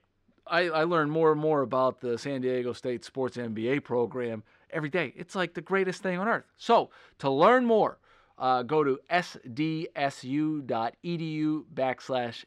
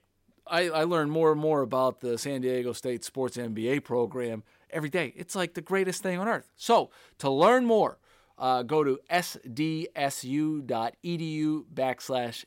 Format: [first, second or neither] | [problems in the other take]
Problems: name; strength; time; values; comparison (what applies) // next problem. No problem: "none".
second | muffled; very slightly; fading above 4.5 kHz